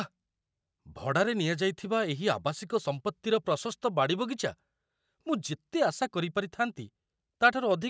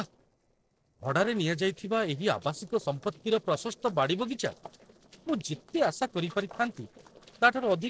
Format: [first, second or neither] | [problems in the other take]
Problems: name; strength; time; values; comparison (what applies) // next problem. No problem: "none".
first | noise reduction (neural separator model SepFormer DNS4)